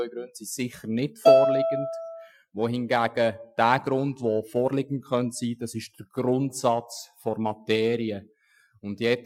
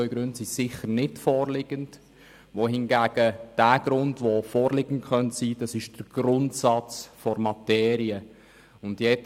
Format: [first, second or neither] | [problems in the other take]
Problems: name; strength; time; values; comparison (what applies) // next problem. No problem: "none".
second | noise reduction (classical method Wiener filter)